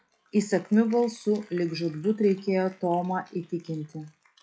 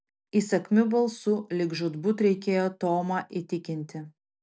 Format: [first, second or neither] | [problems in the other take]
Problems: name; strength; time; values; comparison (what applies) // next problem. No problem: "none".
second | noise reduction (classical method log-MMSE)